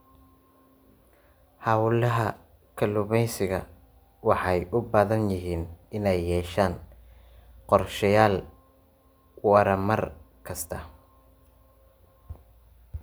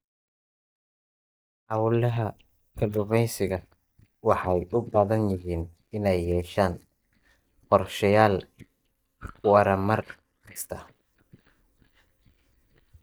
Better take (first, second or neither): first